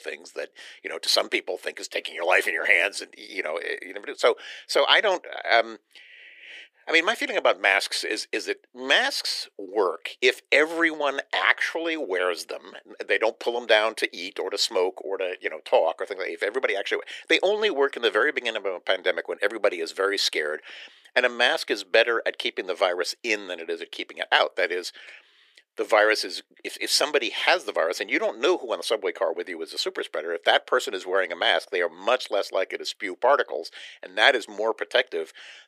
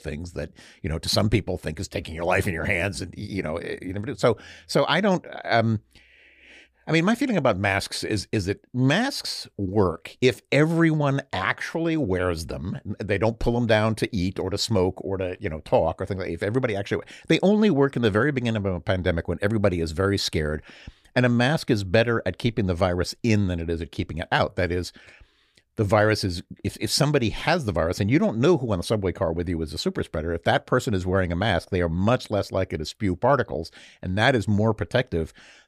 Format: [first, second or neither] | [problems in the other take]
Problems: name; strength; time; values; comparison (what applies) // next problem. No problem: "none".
second | thin; very; fading below 400 Hz